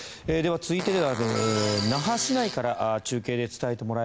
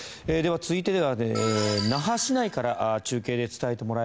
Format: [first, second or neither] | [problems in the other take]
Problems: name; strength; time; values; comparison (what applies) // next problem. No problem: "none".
second | background sound (Fart); 12 dB below the speech